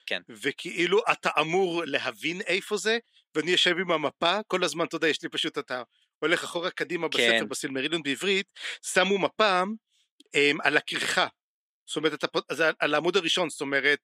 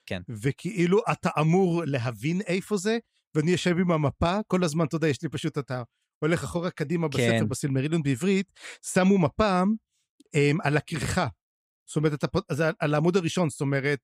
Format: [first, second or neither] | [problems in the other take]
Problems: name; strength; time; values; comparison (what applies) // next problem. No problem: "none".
second | thin; somewhat; fading below 300 Hz